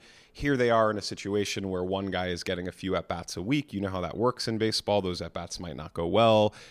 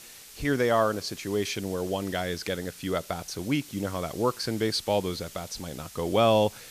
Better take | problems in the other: first | hiss; noticeable; throughout; 15 dB below the speech

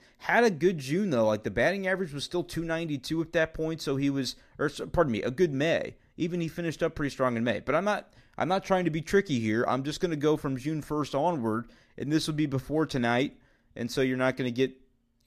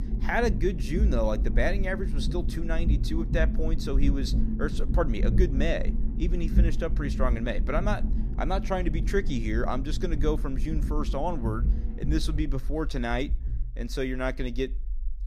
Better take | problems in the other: first | low rumble; noticeable; throughout; 10 dB below the speech

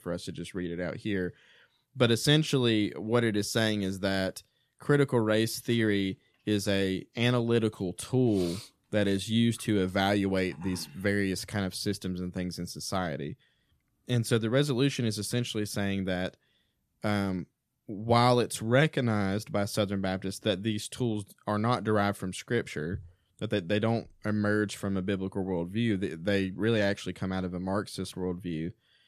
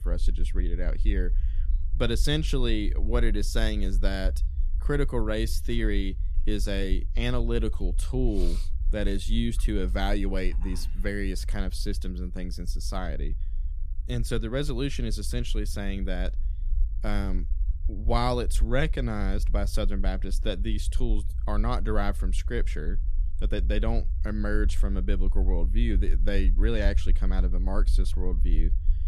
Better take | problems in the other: first | low rumble; noticeable; throughout; 20 dB below the speech

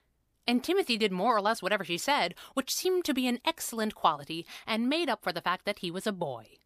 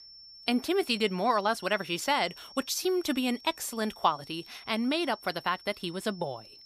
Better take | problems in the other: first | high-pitched whine; noticeable; throughout; 5.5 kHz, 20 dB below the speech

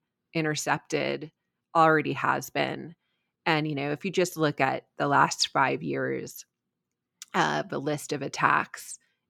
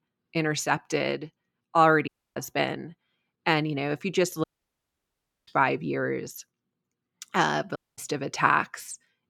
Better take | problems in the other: first | audio cutting out; at 2 s, at 4.5 s for 1 s and at 8 s

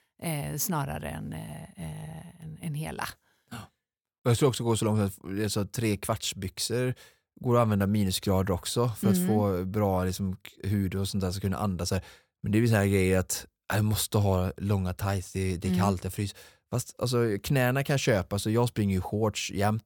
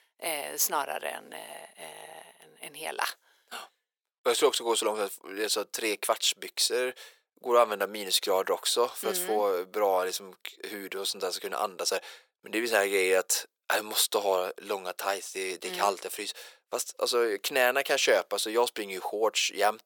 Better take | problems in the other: first | thin; very; fading below 400 Hz

